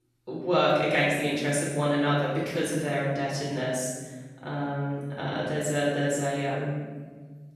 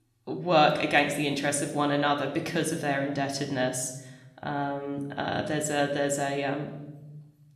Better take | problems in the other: second | room echo; strong; dies away in 1.2 s; slight in the second // off-mic speech; far

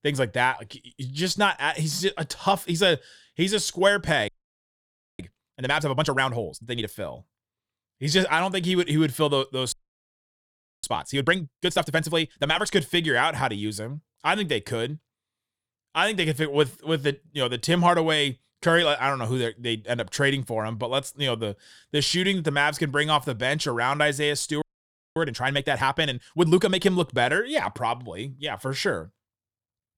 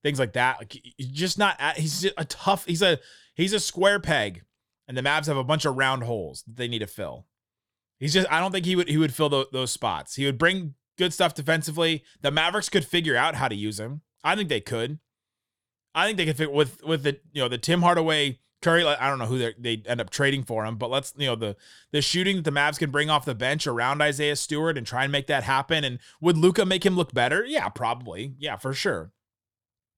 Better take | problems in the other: second | audio freezing; at 4.5 s for 1 s, at 9.5 s for 1 s and at 25 s for 0.5 s

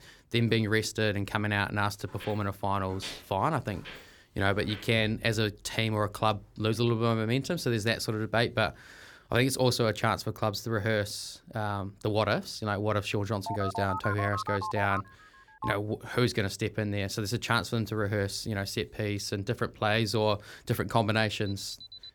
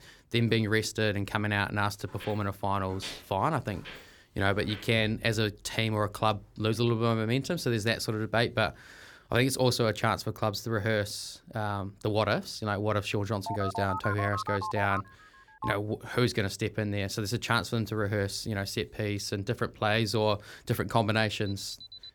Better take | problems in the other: neither | footsteps; faint; from 2 to 5 s; peak 10 dB below the speech; the same in both // phone ringing; noticeable; from 13 to 16 s; peak 5 dB below the speech; the same in both // alarm; faint; at 21 s; peak 15 dB below the speech; the same in both

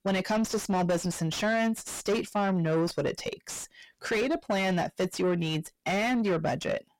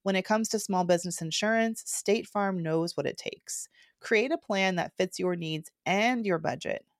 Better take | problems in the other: second | distortion; heavy; 6 dB below the speech

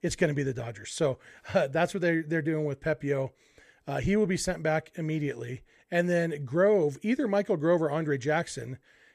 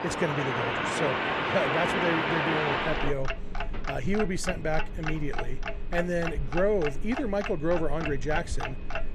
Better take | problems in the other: first | household noises; loud; throughout; as loud as the speech

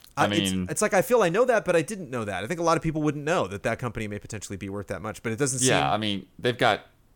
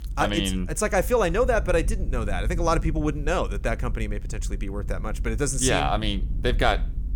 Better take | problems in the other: first | low rumble; faint; throughout; 25 dB below the speech

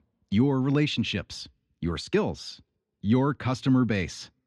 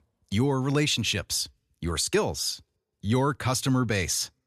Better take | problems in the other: second | muffled; slightly; fading above 3 kHz

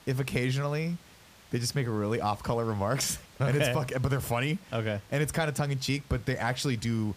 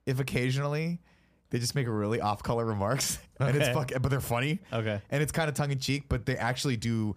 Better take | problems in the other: second | hiss; faint; throughout; 25 dB below the speech

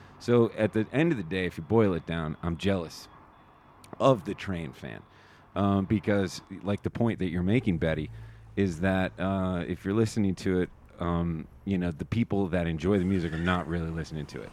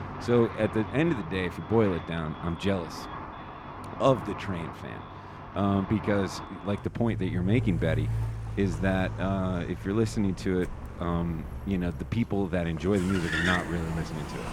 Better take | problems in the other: first | traffic noise; loud; throughout; 8 dB below the speech; faint in the first

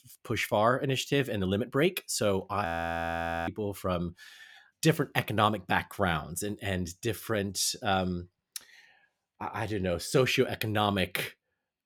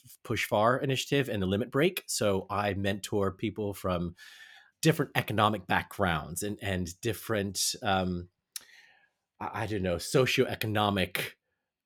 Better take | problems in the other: second | audio freezing; at 2.5 s for 1 s

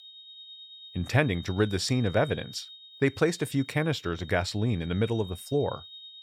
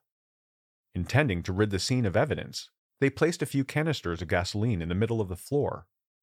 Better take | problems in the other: second | high-pitched whine; noticeable; throughout; 3.5 kHz, 15 dB below the speech

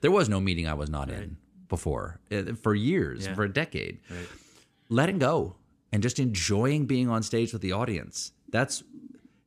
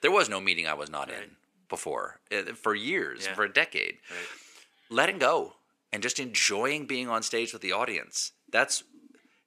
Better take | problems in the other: first | thin; very; fading below 550 Hz

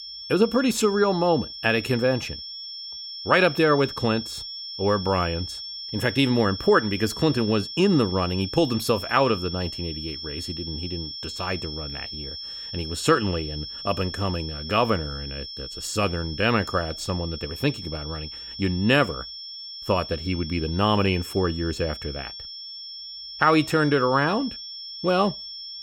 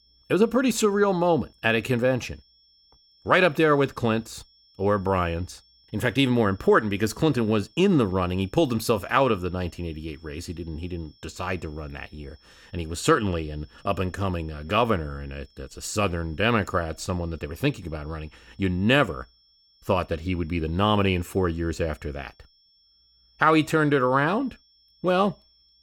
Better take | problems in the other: second | high-pitched whine; loud; throughout; 5.5 kHz, 10 dB below the speech; faint in the second

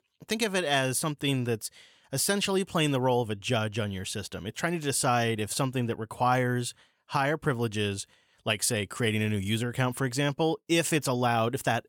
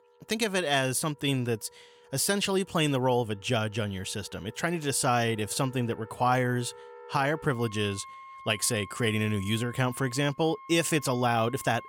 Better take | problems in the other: first | background music; faint; throughout; 20 dB below the speech

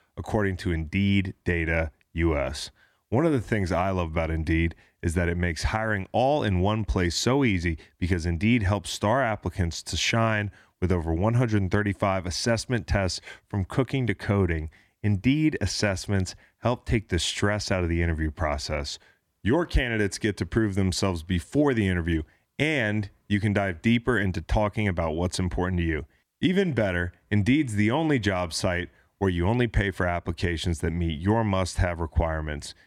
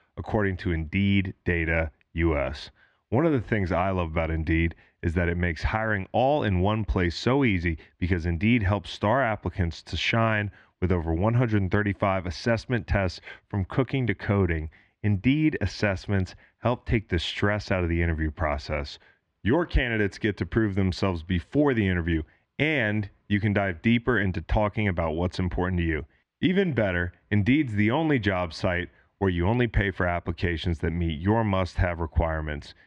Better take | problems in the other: first | muffled; slightly; fading above 3 kHz

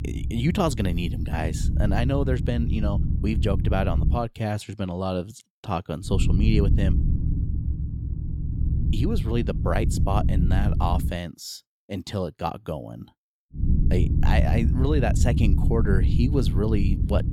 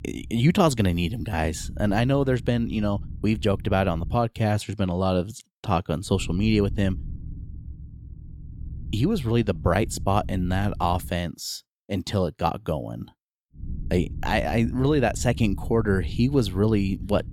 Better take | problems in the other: second | low rumble; loud; until 4 s, from 6 to 11 s and from 14 s on; 8 dB below the speech; faint in the second

